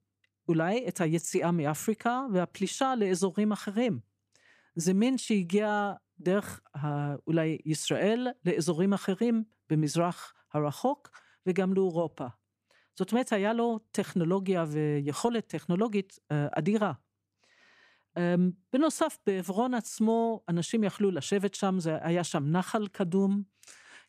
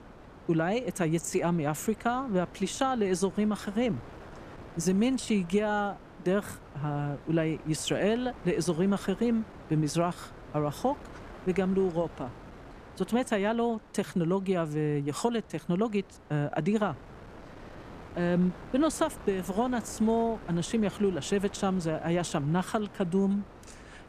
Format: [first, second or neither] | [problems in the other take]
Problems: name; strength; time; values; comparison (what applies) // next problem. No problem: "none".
first | wind noise on the microphone; occasional gusts; 15 dB below the speech